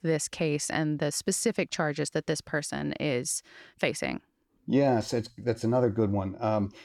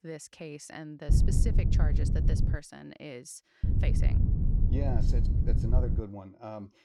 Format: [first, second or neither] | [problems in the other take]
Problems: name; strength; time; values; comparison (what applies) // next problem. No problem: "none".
first | wind noise on the microphone; heavy; from 1 to 2.5 s and from 3.5 to 6 s; as loud as the speech